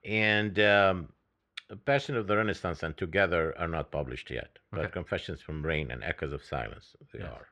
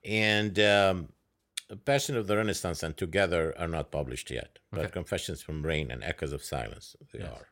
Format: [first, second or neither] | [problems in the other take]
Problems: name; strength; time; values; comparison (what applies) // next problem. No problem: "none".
second | muffled; slightly; fading above 2.5 kHz